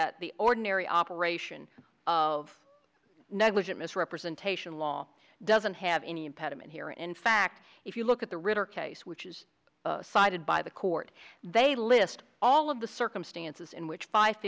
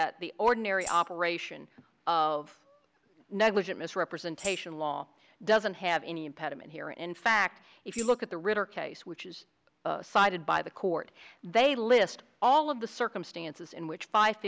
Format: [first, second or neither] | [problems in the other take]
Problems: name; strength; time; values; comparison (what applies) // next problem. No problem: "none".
first | background sound (Tambourine); 15 dB below the speech